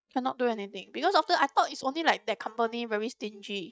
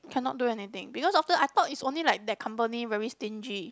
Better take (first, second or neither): second